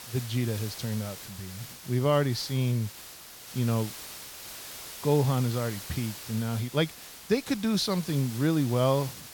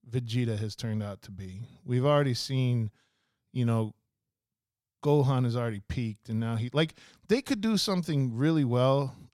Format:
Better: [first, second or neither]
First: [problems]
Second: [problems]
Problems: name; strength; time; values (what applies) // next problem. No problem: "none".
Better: second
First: hiss; noticeable; throughout; 10 dB below the speech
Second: none